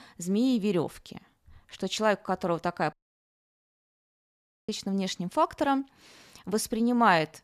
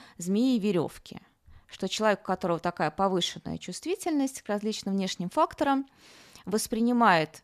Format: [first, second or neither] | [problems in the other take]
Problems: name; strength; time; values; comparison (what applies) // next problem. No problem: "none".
second | audio cutting out; at 3 s for 1.5 s